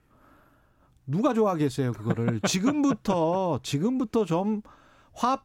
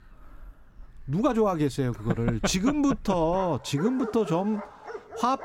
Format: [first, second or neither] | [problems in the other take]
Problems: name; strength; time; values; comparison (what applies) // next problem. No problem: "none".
first | animal sounds; noticeable; throughout; 15 dB below the speech